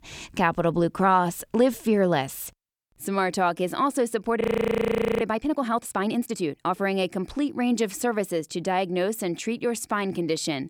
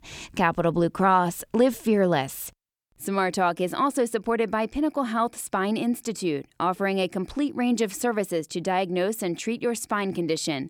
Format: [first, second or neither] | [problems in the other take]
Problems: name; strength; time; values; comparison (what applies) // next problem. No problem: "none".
second | audio freezing; at 4.5 s for 1 s